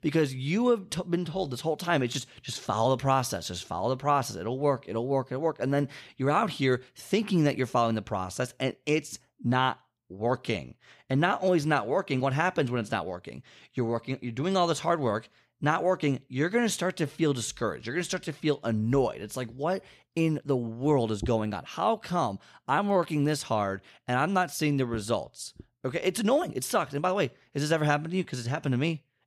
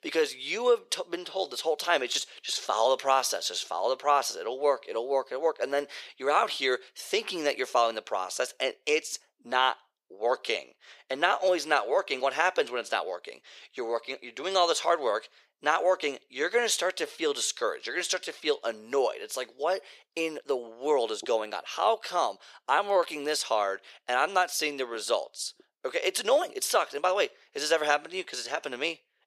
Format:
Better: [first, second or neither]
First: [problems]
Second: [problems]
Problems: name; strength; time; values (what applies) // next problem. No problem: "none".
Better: first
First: none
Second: thin; very; fading below 450 Hz